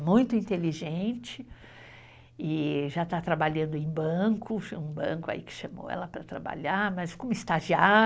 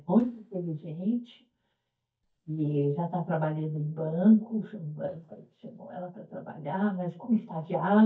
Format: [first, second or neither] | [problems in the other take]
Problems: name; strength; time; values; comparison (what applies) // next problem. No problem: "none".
first | noise reduction (neural mask model DeepFilterNet 3)